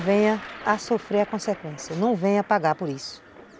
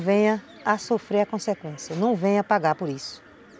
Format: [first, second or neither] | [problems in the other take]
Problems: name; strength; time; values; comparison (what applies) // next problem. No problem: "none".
second | background sound (Thunder); 18 dB below the speech